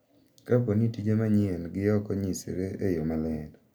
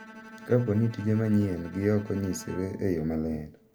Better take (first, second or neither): first